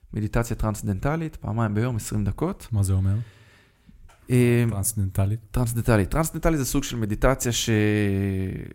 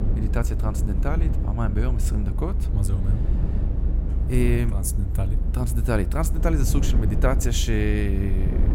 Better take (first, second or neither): first